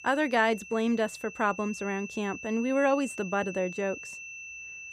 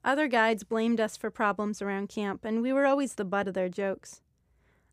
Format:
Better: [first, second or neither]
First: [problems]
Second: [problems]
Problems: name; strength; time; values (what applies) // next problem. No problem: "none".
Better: second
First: high-pitched whine; noticeable; throughout; 2.5 kHz, 10 dB below the speech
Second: none